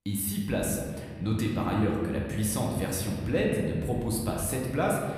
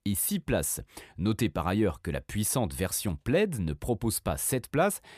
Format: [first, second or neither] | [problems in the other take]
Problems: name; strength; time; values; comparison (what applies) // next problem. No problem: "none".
second | room echo; noticeable; dies away in 1.7 s // off-mic speech; somewhat distant